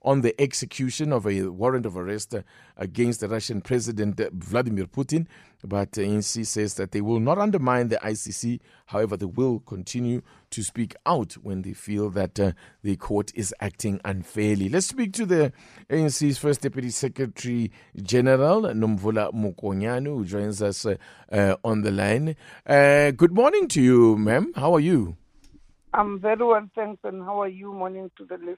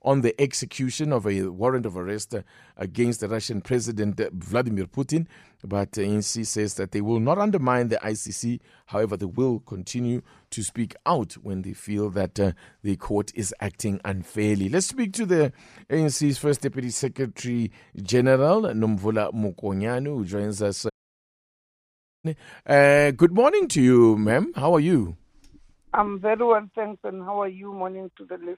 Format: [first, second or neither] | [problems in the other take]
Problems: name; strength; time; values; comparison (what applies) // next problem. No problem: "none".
first | audio cutting out; at 21 s for 1.5 s